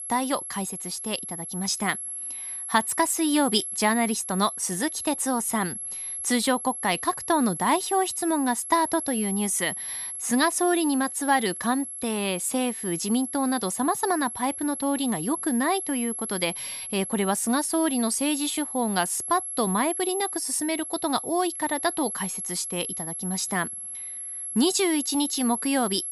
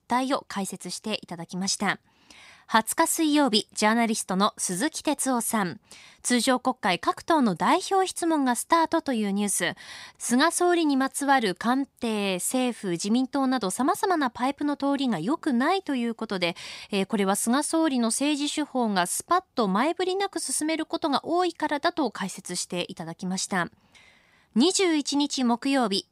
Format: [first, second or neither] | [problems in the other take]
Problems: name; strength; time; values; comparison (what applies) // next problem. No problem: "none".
second | high-pitched whine; loud; throughout; 11 kHz, 5 dB below the speech